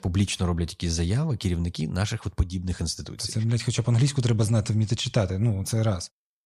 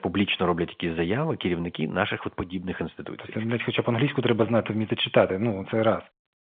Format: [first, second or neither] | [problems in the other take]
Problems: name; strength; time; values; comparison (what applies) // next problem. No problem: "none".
first | phone-call audio; nothing above 3.5 kHz